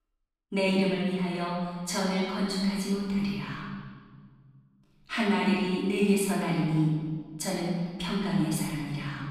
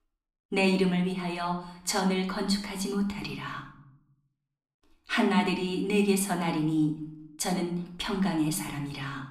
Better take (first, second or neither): second